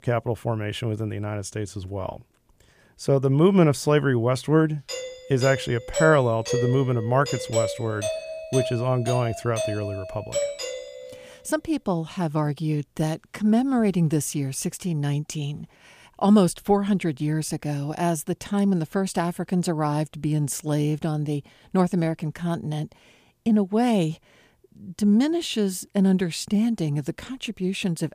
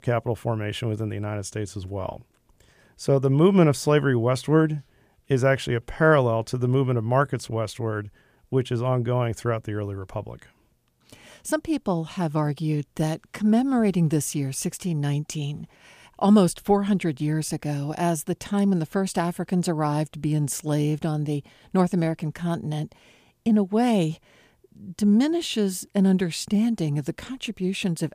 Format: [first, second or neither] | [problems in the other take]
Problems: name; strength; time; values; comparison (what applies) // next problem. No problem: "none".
second | doorbell; noticeable; from 5 to 11 s; peak 3 dB below the speech